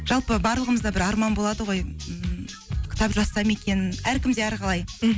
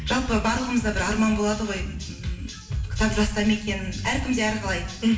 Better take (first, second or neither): first